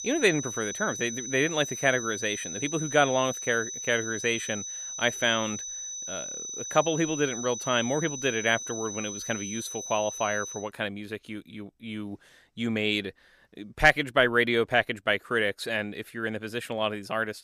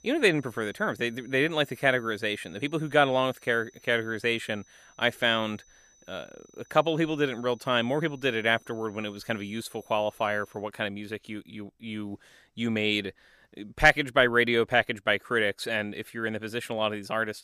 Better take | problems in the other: second | high-pitched whine; loud; until 11 s; 6 kHz, 7 dB below the speech; faint in the second

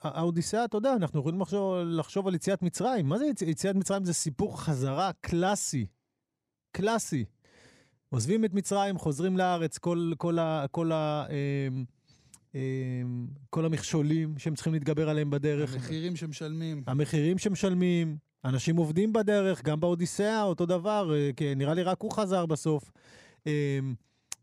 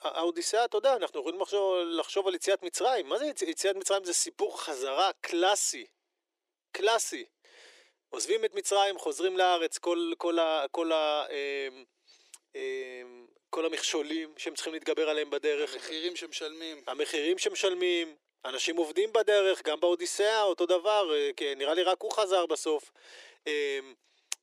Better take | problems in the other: first | thin; very; fading below 350 Hz

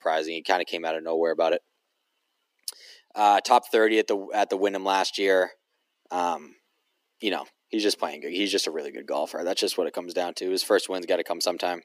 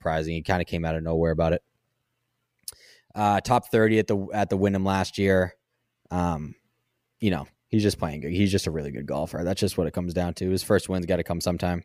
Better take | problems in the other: second | thin; somewhat; fading below 300 Hz

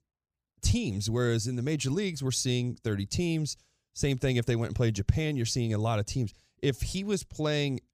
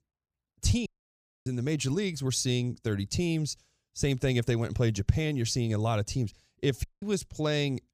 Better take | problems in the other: first | audio cutting out; at 1 s for 0.5 s and at 7 s

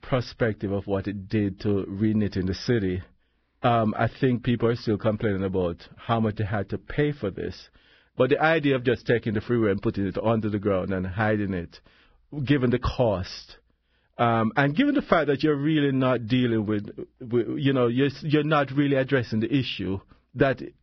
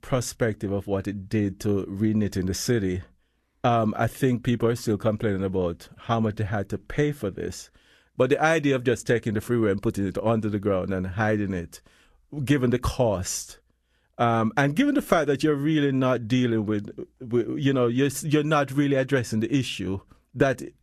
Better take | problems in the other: second | garbled, watery; badly; nothing above 5.5 kHz; slightly in the second

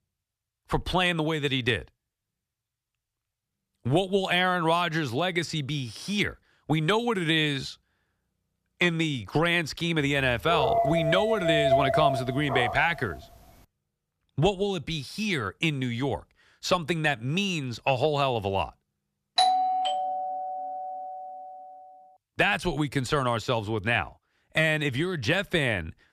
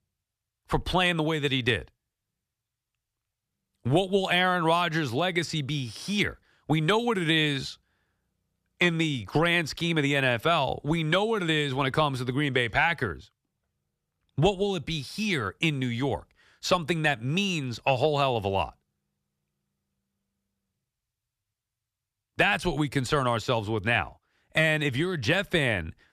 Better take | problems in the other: second | dog barking; loud; from 10 to 13 s; peak 3 dB above the speech // doorbell; loud; from 19 to 21 s; peak 4 dB above the speech

